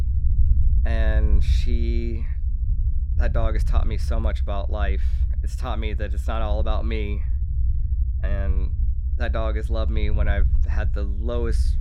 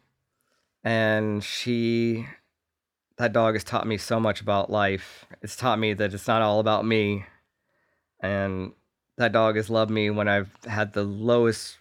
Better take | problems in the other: second | low rumble; noticeable; throughout; 10 dB below the speech

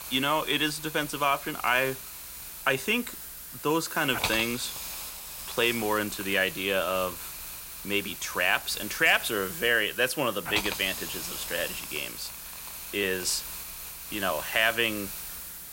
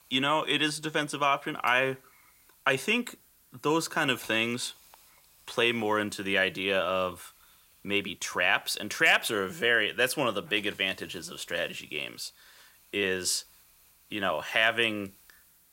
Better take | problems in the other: second | hiss; loud; throughout; 8 dB below the speech; faint in the second

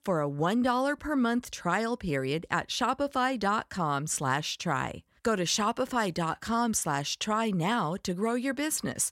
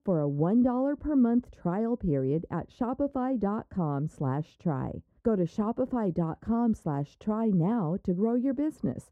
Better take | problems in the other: first | muffled; very; fading above 1 kHz

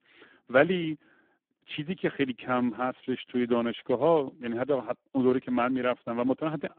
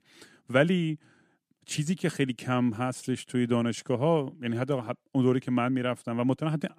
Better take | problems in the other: second | phone-call audio; poor line

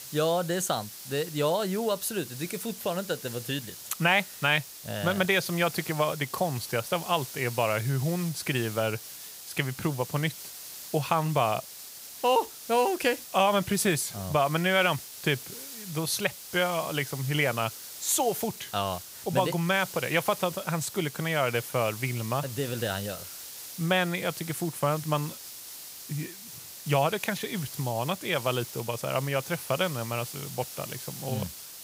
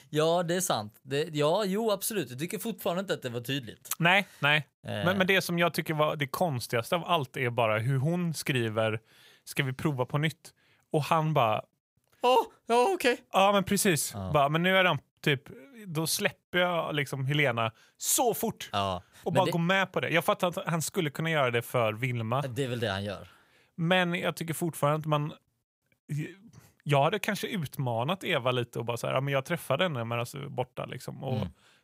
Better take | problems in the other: second | hiss; noticeable; throughout; 10 dB below the speech

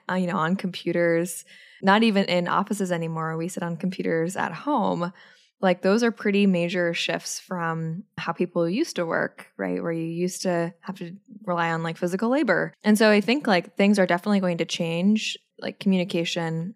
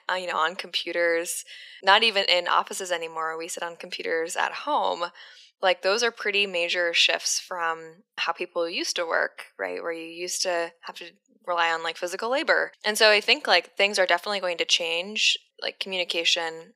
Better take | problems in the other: first | thin; very; fading below 500 Hz

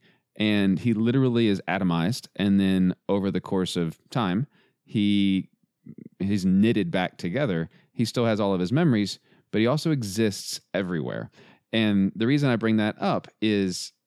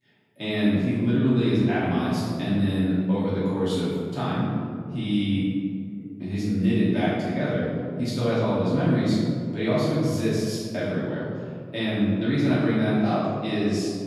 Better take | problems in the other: first | off-mic speech; far // room echo; strong; dies away in 2 s

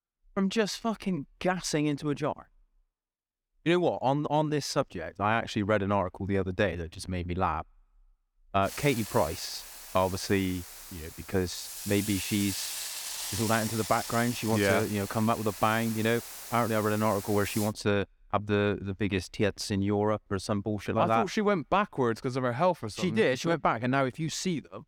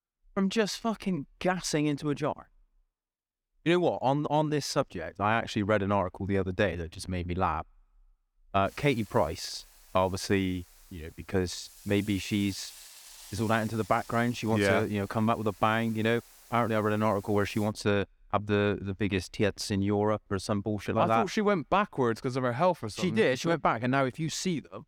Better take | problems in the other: second | hiss; loud; from 8.5 to 18 s; 8 dB below the speech; faint in the second

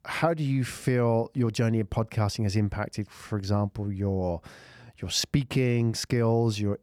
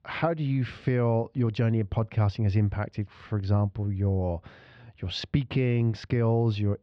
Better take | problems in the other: first | muffled; slightly; fading above 3.5 kHz

